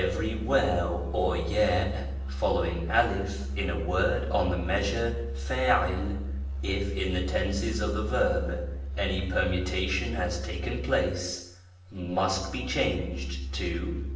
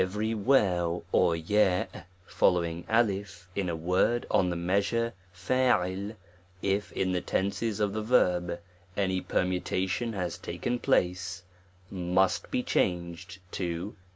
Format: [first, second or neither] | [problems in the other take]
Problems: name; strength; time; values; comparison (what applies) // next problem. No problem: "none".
second | background sound (Musical instrument); 4 dB below the speech // room echo; dies away in 0.7 s